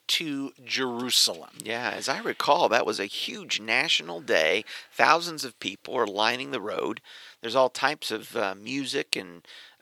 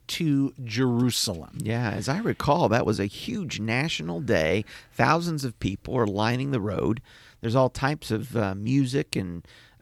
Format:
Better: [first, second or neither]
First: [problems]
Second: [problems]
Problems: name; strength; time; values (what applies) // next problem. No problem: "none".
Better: second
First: thin; somewhat; fading below 500 Hz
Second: none